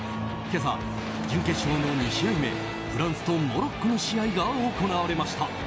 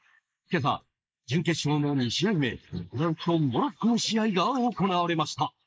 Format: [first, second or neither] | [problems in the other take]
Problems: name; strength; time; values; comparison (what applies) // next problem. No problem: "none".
first | noise reduction (neural mask model Resemble Enhance denoiser)